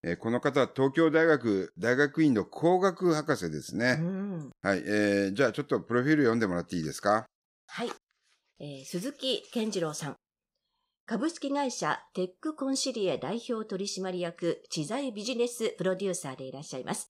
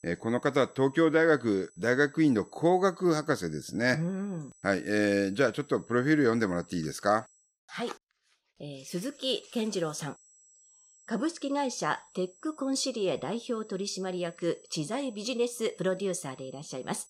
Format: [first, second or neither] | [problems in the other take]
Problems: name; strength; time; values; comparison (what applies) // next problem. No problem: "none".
first | high-pitched whine; faint; until 7.5 s and from 9 s on; 8 kHz, 30 dB below the speech